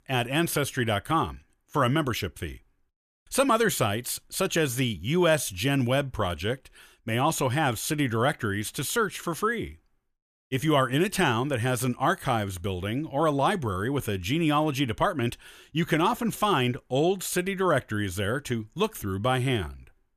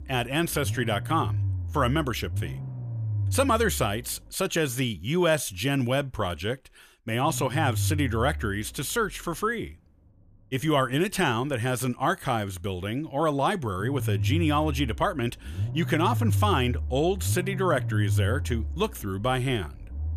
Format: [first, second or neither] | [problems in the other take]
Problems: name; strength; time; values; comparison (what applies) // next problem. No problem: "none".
first | low rumble; noticeable; until 4.5 s, from 7 to 12 s and from 14 s on; 20 dB below the speech